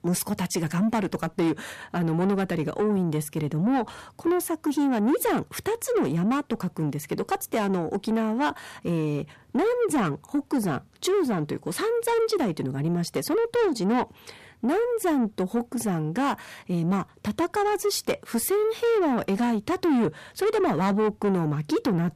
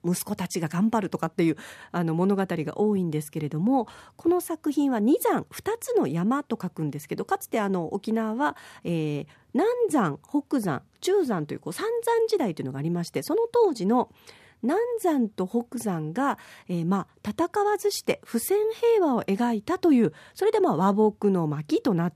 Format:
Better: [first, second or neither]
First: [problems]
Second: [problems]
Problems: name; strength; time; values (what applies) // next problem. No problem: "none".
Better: second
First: distortion; slight; 10 dB below the speech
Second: none